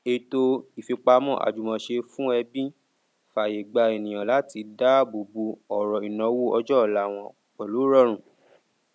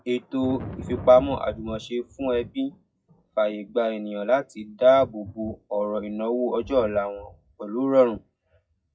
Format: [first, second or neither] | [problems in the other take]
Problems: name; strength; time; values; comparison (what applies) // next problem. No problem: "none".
first | noise reduction (classical method WPE with log-MMSE)